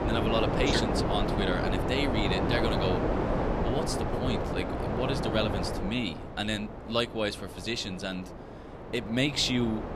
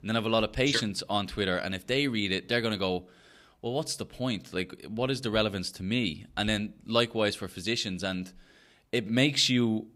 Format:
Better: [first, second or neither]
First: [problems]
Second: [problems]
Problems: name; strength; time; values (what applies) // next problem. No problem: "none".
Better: second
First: wind noise on the microphone; heavy; as loud as the speech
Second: none